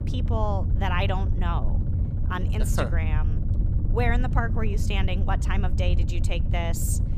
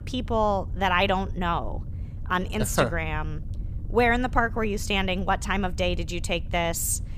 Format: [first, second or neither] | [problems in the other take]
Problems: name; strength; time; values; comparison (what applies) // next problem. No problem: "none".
second | low rumble; loud; throughout; 9 dB below the speech; faint in the second